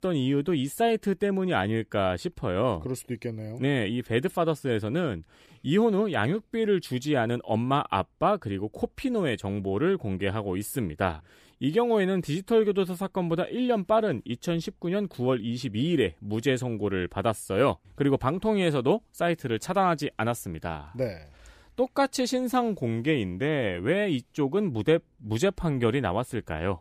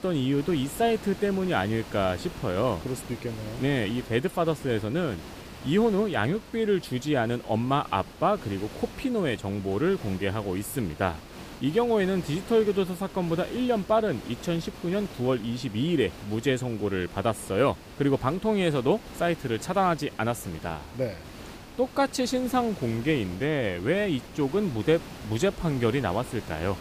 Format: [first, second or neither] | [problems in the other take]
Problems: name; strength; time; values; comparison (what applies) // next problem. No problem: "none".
first | hiss; noticeable; throughout; 15 dB below the speech